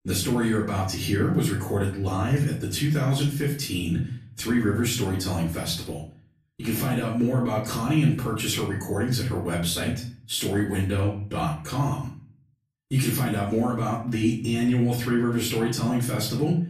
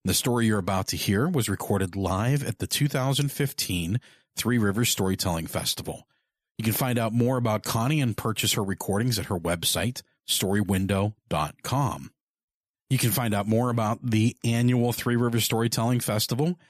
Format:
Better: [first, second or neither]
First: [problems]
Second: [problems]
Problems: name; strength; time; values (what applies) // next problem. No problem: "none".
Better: second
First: off-mic speech; far // room echo; slight; dies away in 0.5 s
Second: none